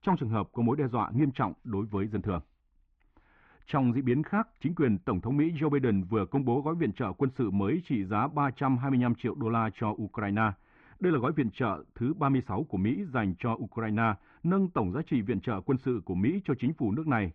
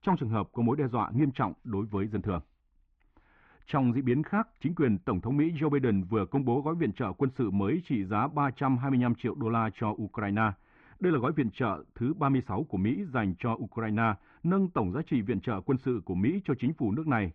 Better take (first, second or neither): neither